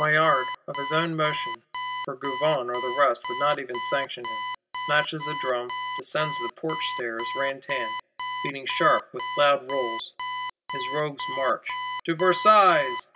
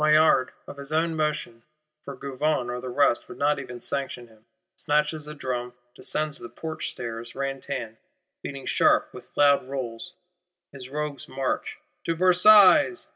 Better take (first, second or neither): second